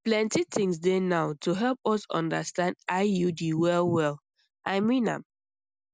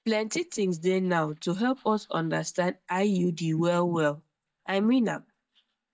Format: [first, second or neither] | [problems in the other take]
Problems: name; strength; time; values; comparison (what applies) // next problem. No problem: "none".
first | noise reduction (neural mask model DeepFilterNet 3)